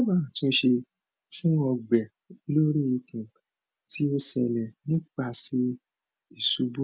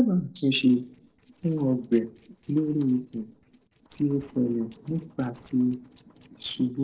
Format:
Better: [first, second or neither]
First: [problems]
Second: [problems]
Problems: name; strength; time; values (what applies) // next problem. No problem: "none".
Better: first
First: none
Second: noise reduction (neural separator model SepFormer DNS4)